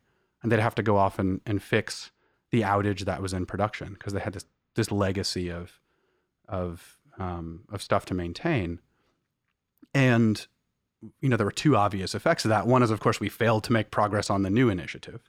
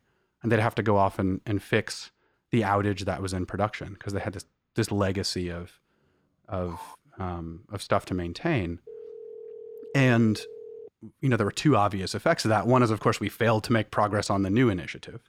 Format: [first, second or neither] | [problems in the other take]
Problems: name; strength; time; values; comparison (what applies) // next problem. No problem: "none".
first | dog barking; faint; at 6.5 s; peak 20 dB below the speech // phone ringing; faint; from 9 to 11 s; peak 15 dB below the speech